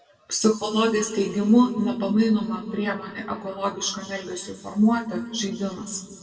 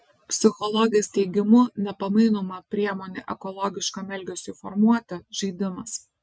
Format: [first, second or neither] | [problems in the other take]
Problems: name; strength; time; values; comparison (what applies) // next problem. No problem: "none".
second | room echo; dies away in 2 s